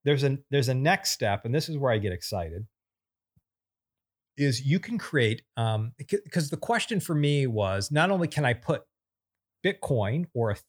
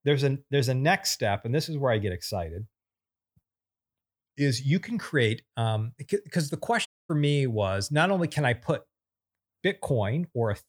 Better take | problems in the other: first | audio cutting out; at 7 s

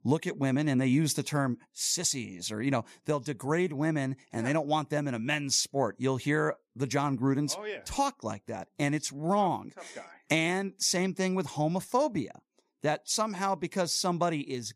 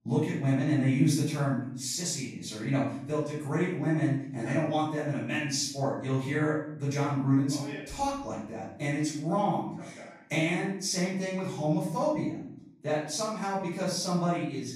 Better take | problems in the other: first | room echo; noticeable; dies away in 0.7 s // off-mic speech; far

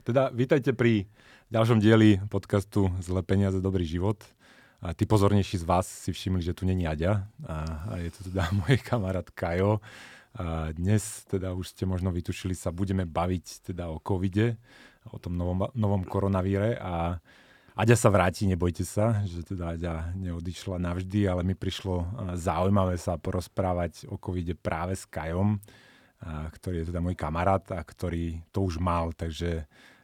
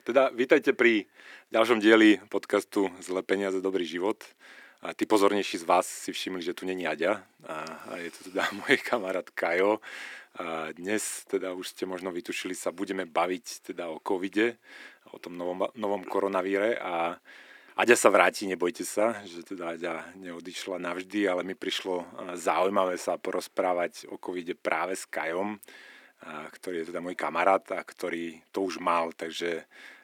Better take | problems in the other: first | thin; somewhat; fading below 300 Hz

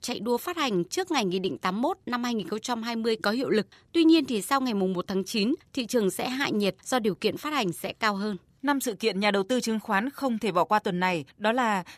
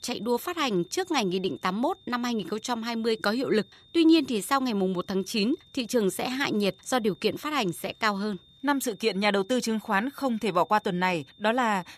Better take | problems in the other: first | high-pitched whine; faint; throughout; 3.5 kHz, 30 dB below the speech

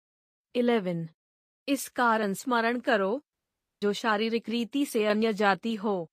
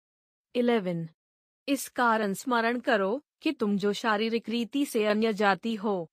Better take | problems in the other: second | audio cutting out; at 3.5 s

